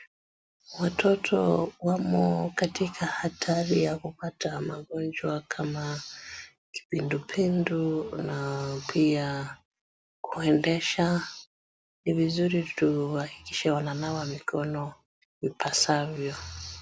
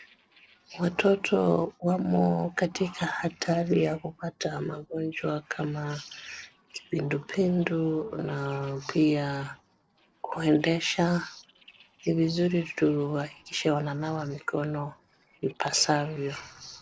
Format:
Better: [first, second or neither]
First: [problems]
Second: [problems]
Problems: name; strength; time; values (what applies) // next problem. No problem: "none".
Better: first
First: none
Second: noise reduction (neural separator model SepFormer DNS4)